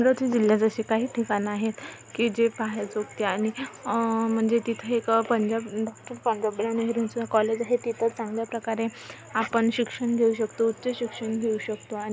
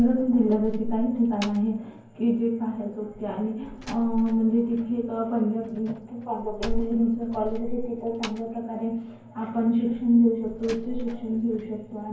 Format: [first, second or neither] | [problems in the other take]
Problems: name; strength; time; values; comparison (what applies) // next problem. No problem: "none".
first | background sound (Slam); 11 dB below the speech // room echo; dies away in 0.9 s